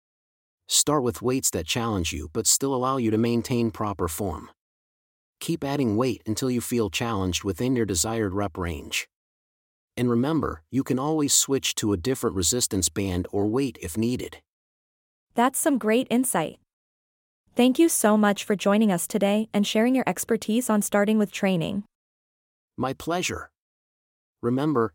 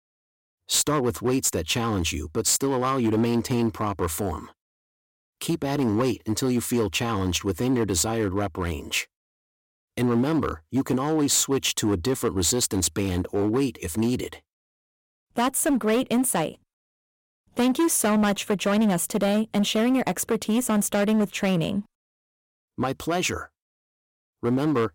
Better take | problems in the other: first | distortion; slight; 9% of the sound clipped

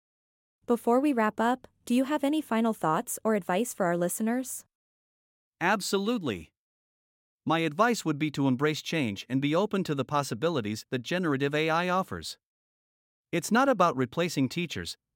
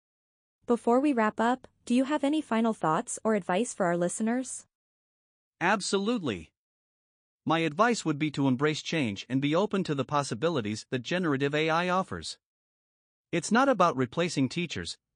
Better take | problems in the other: first | garbled, watery; slightly; nothing above 8 kHz

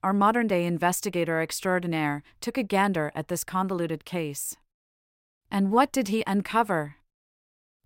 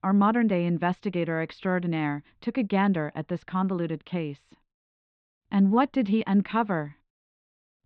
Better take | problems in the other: first | muffled; very; fading above 4 kHz

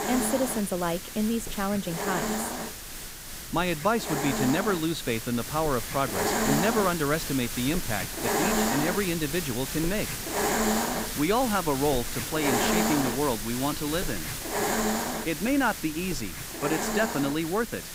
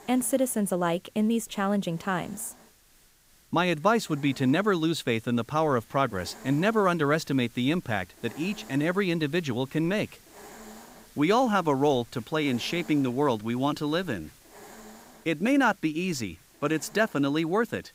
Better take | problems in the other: second | hiss; loud; throughout; 1 dB below the speech; faint in the second

